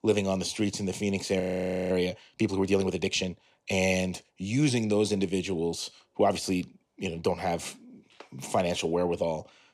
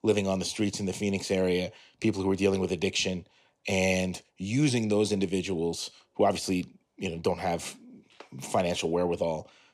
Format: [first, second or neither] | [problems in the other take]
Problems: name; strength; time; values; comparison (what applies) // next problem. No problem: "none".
second | audio freezing; at 1.5 s for 0.5 s